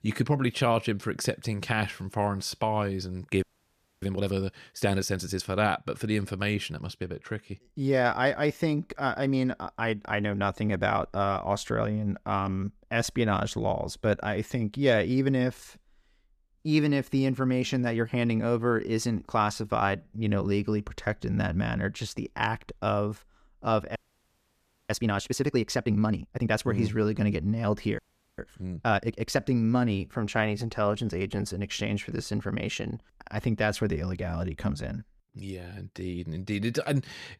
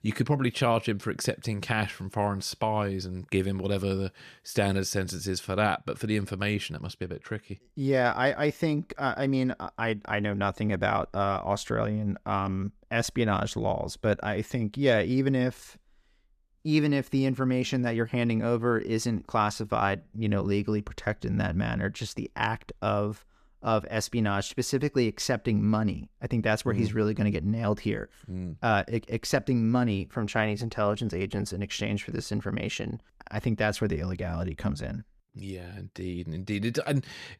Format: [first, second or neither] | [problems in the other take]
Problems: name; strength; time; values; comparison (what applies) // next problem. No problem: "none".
second | audio freezing; at 3.5 s for 0.5 s, at 24 s for 1 s and at 28 s